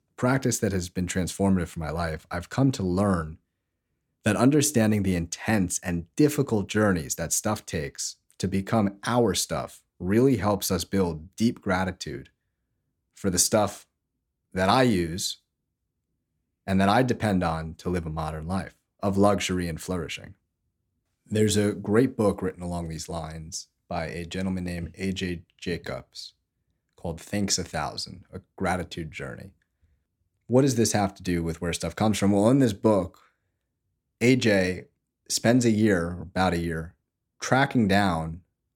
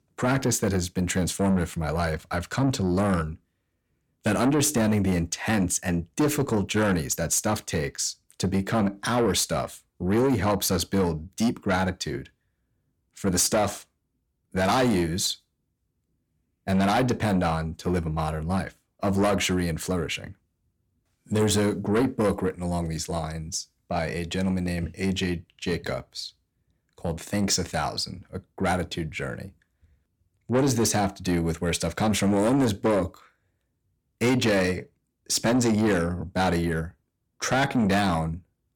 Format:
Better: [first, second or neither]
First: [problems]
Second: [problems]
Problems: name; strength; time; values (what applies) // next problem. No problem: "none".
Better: first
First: none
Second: distortion; heavy; 8 dB below the speech